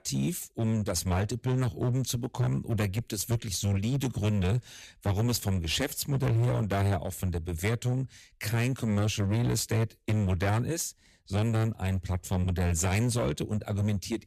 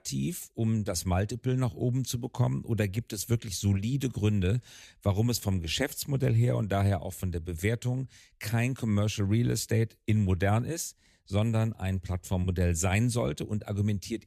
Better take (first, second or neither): second